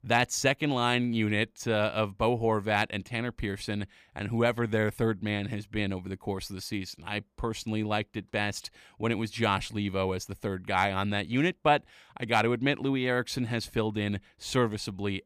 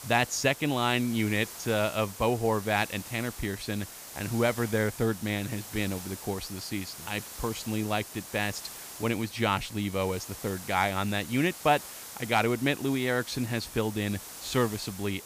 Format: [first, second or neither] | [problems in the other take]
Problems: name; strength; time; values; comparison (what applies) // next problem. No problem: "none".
first | hiss; noticeable; throughout; 10 dB below the speech